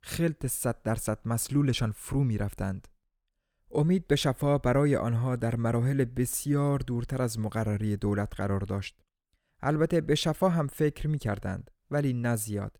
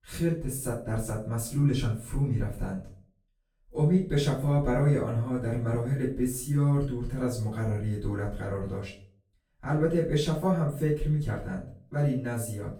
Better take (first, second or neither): first